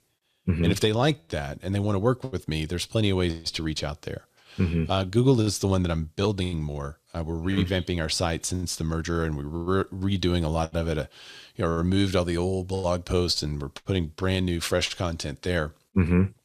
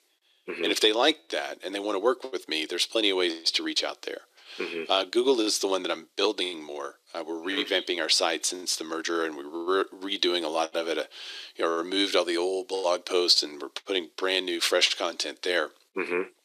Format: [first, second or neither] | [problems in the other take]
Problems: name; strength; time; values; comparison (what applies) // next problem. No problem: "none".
first | thin; very; fading below 300 Hz